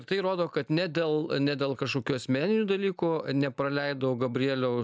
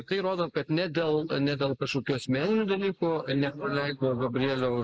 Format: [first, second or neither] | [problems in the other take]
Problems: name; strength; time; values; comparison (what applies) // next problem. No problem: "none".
first | noise reduction (neural mask model Resemble Enhance denoiser)